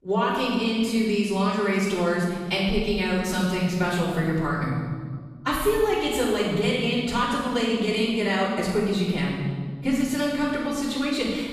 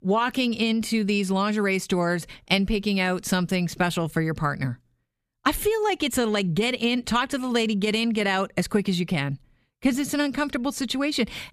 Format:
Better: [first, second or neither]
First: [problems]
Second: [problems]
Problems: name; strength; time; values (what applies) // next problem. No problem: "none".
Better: second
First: off-mic speech; far // room echo; strong; dies away in 1.6 s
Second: none